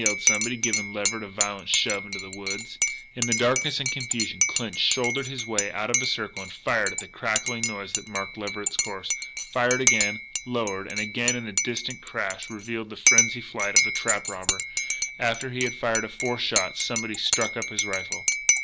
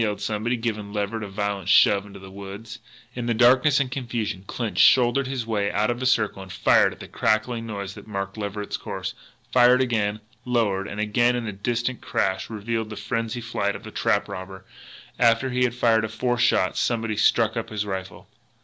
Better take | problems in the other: second | background sound (Cutlery, silverware / Dishes, pots, and pans / Chink, clink); 2 dB above the speech

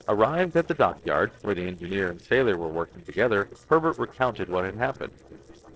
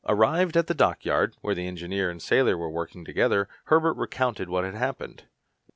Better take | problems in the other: second | noise reduction (neural separator model SepFormer DNS4)

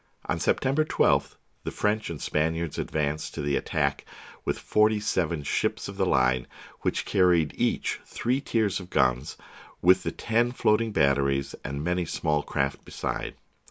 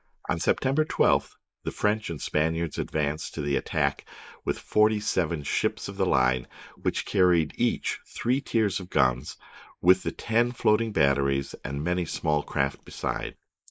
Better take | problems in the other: first | noise reduction (neural mask model Resemble Enhance denoiser)

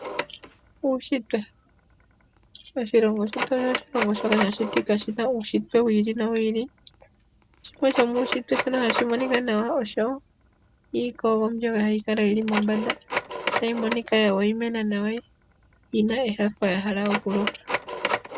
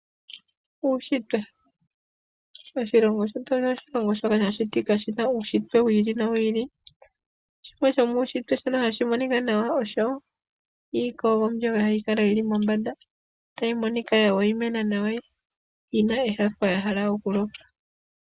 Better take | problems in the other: second | background sound (Telephone); 9 dB below the speech

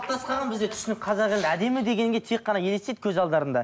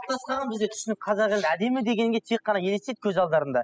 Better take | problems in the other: first | noise reduction (classical method spectral subtraction)

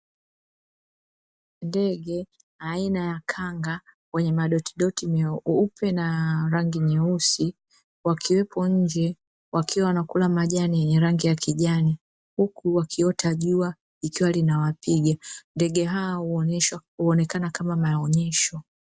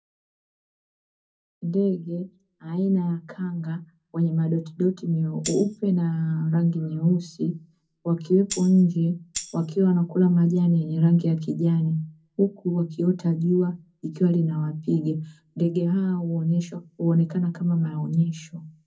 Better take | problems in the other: first | background sound (Tambourine); 12 dB below the speech // room echo; dies away in 0.4 s

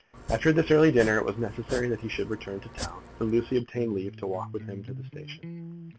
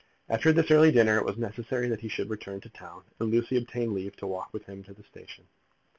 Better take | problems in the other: second | background sound (Domestic sounds, home sounds + Electric guitar); 13 dB below the speech

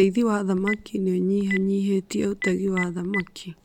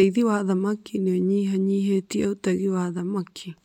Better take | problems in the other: second | background sound (Telephone); 12 dB below the speech

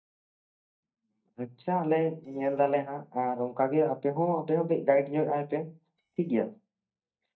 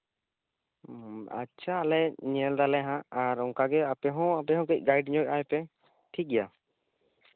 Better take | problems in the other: second | noise reduction (neural mask model DeepFilterNet 3)

